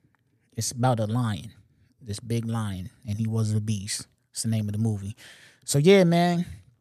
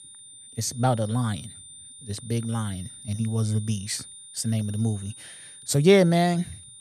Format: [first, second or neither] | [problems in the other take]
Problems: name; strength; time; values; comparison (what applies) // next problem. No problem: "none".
first | high-pitched whine; noticeable; throughout; 9 kHz, 15 dB below the speech